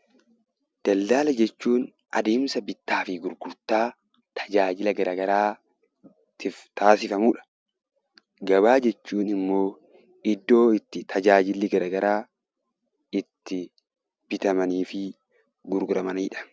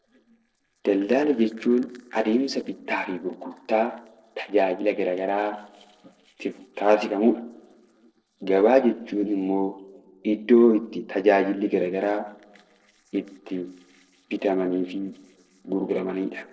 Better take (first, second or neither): first